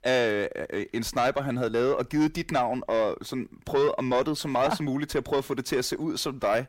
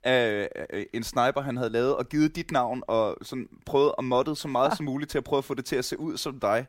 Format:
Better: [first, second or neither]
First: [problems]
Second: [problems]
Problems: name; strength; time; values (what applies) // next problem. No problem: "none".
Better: second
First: distortion; slight; 10 dB below the speech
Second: none